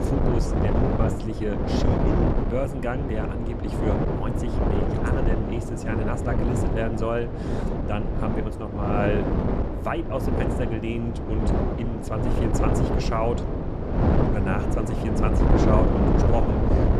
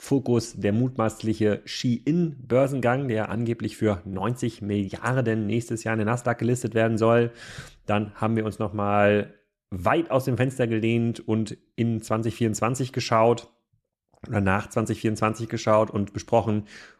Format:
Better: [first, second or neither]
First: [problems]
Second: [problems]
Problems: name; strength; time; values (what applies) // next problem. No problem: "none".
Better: second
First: wind noise on the microphone; heavy; 2 dB above the speech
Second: none